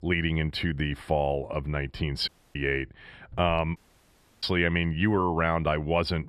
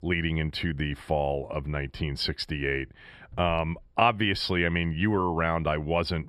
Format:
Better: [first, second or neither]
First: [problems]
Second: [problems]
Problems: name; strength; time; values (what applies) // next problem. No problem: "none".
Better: second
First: audio cutting out; at 2.5 s and at 4 s for 0.5 s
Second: none